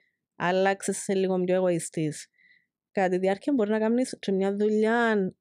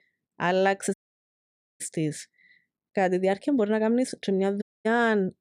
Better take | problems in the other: first | audio cutting out; at 1 s for 1 s and at 4.5 s

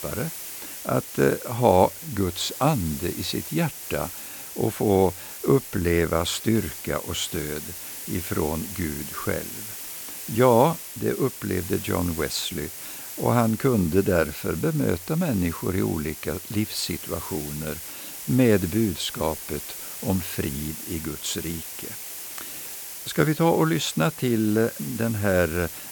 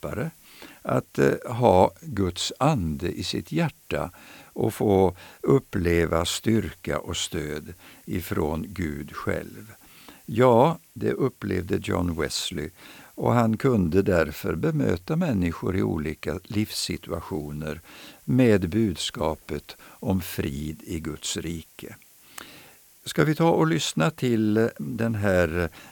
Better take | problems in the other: second | hiss; loud; throughout; 9 dB below the speech; faint in the second

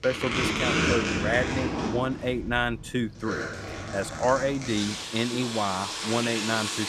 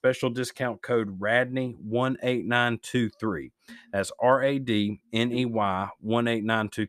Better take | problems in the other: second | household noises; loud; throughout; 1 dB below the speech

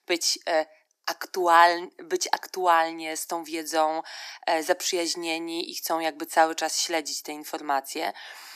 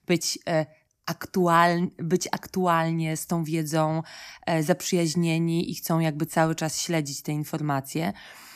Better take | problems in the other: second | thin; very; fading below 350 Hz

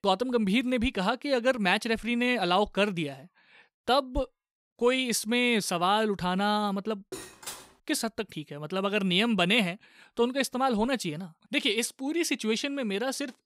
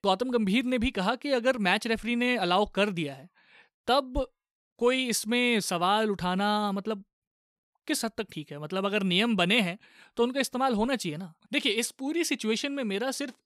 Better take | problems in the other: second | clattering dishes; faint; at 7 s; peak 10 dB below the speech

